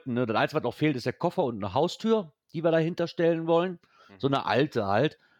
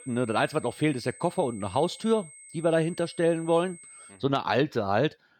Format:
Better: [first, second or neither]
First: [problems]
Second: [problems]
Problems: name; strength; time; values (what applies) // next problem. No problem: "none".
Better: first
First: none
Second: high-pitched whine; noticeable; until 4 s; 8 kHz, 20 dB below the speech